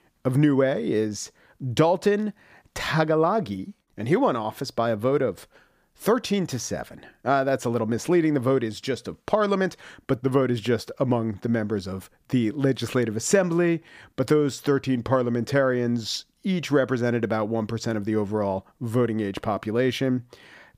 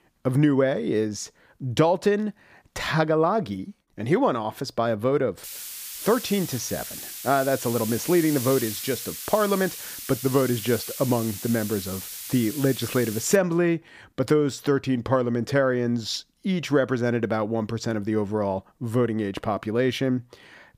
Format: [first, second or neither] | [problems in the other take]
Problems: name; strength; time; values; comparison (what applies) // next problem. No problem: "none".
first | hiss; loud; from 5.5 to 13 s; 9 dB below the speech